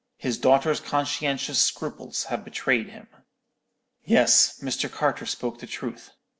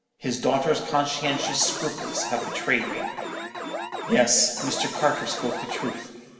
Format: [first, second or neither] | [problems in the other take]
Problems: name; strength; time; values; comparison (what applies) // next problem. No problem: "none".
first | background sound (Alarm); 6 dB below the speech // room echo; dies away in 2.3 s